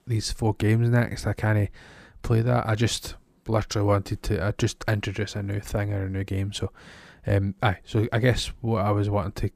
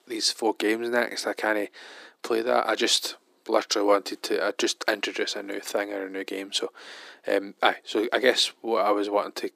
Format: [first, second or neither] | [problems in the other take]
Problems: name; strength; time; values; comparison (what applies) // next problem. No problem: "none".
first | thin; very; fading below 300 Hz